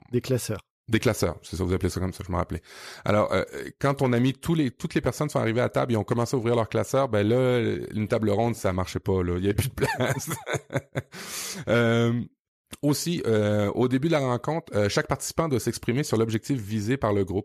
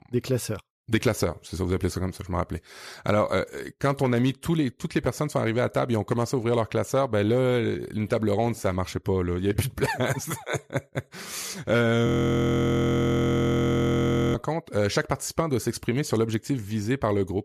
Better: first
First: none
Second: audio freezing; at 12 s for 2.5 s

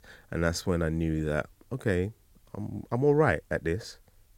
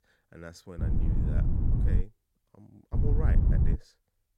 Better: first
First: none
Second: wind noise on the microphone; heavy; from 1 to 2 s and at 3 s; 3 dB above the speech

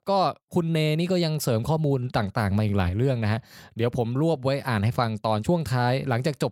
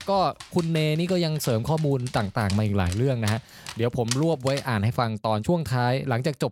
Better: first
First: none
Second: dog barking; noticeable; until 4.5 s; peak 7 dB below the speech

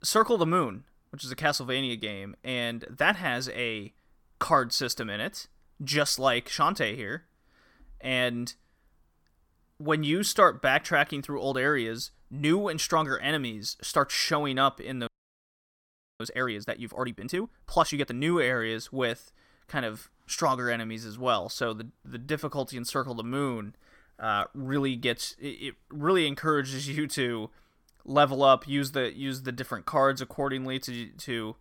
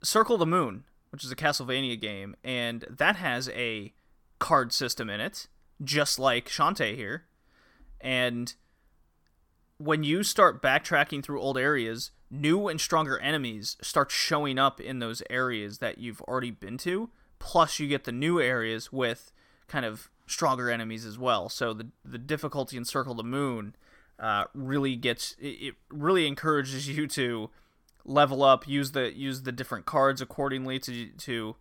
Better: second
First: audio freezing; at 15 s for 1 s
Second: none

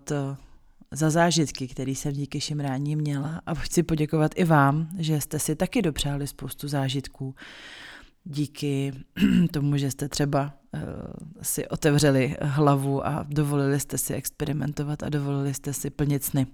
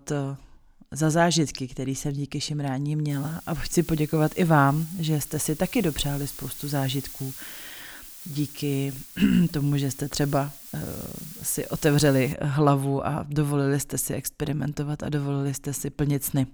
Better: first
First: none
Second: hiss; noticeable; from 3 to 12 s; 15 dB below the speech

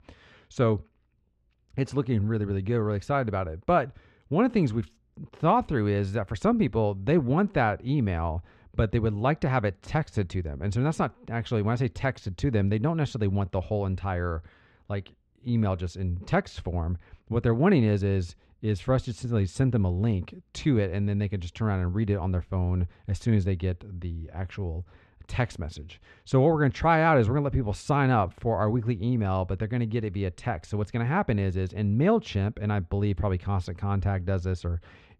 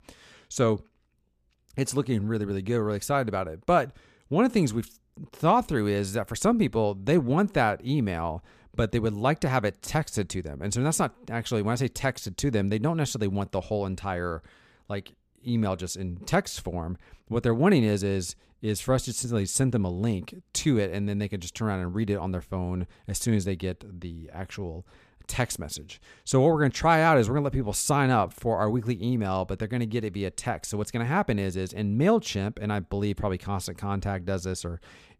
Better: second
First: muffled; slightly; fading above 3 kHz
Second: none

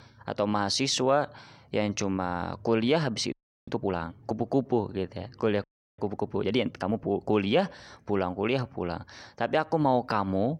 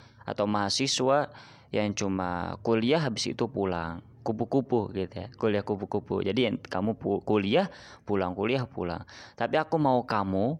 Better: second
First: audio freezing; at 3.5 s and at 5.5 s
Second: none

